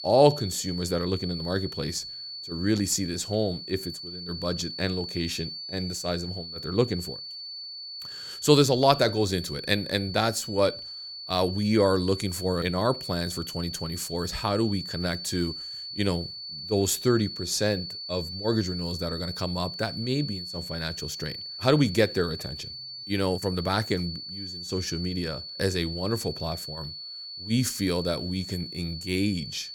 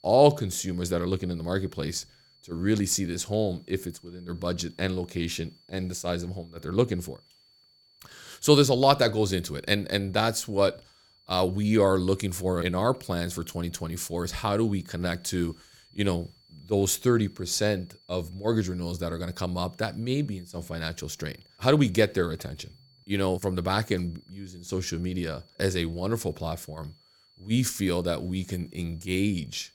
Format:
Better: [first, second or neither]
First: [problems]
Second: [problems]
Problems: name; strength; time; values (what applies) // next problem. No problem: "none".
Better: second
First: high-pitched whine; loud; throughout; 4.5 kHz, 8 dB below the speech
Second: high-pitched whine; faint; throughout; 4.5 kHz, 30 dB below the speech